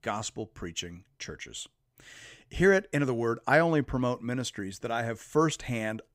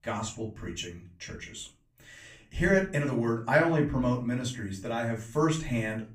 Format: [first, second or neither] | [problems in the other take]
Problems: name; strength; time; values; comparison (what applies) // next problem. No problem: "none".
first | off-mic speech; far // room echo; slight; dies away in 0.3 s